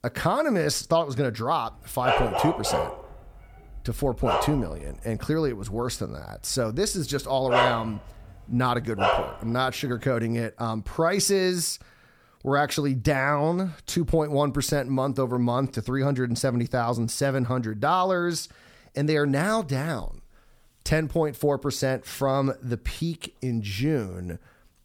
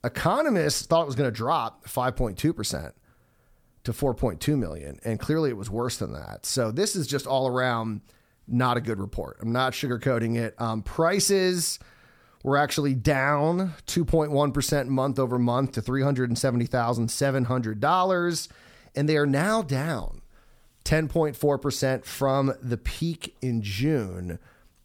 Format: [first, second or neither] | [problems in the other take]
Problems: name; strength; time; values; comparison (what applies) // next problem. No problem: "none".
second | dog barking; loud; from 2 to 9.5 s; peak 3 dB above the speech